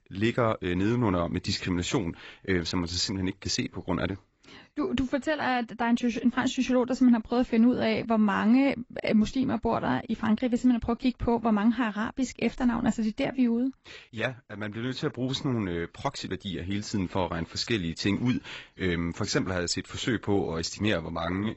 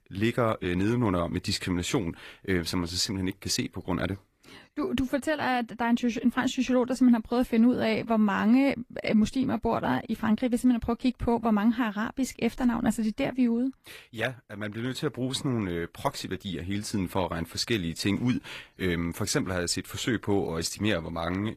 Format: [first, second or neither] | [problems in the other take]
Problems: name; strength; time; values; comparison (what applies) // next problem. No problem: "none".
second | garbled, watery; badly; nothing above 8 kHz; slightly in the second